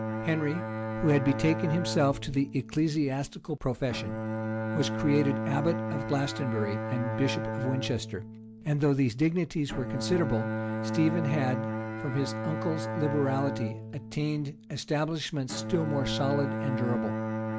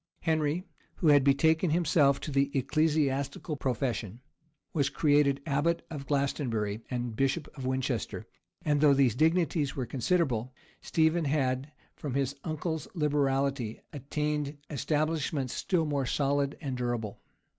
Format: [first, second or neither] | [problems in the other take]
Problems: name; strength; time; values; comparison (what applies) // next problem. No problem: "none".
second | background sound (Bowed string instrument); 4 dB below the speech